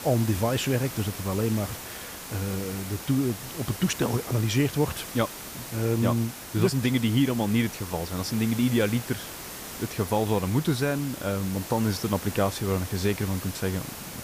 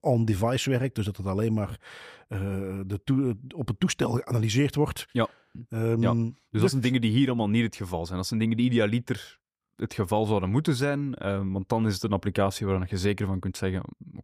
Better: second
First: hiss; loud; throughout; 10 dB below the speech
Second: none

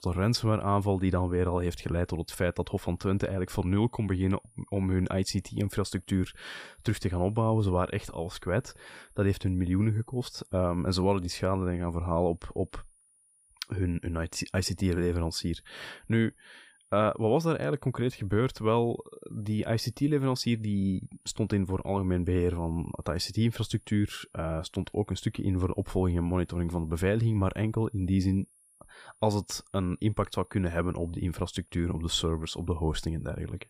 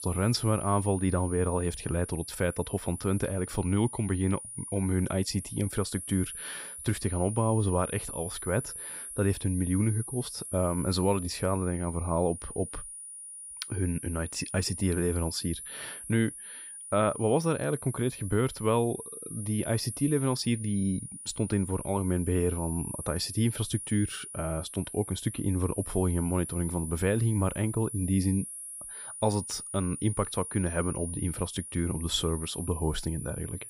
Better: first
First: high-pitched whine; faint; throughout; 10 kHz, 30 dB below the speech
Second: high-pitched whine; loud; throughout; 10 kHz, 9 dB below the speech

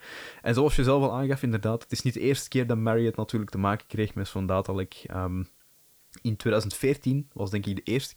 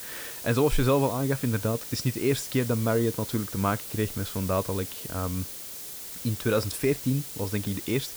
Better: first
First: hiss; faint; throughout; 30 dB below the speech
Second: hiss; loud; throughout; 8 dB below the speech

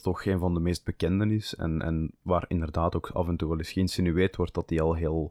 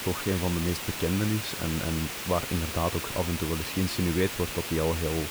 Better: first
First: none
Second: hiss; loud; throughout; 4 dB below the speech

